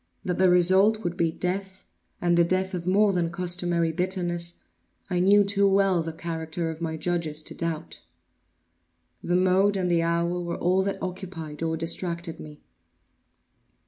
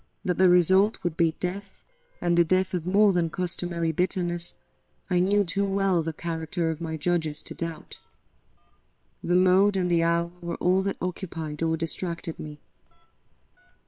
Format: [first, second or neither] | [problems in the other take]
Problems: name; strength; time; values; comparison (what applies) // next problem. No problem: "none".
first | noise reduction (neural separator model SepFormer WHAM!)